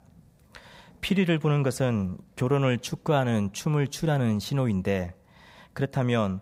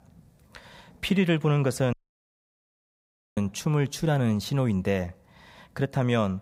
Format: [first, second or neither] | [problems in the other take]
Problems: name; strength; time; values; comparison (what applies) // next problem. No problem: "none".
first | audio cutting out; at 2 s for 1.5 s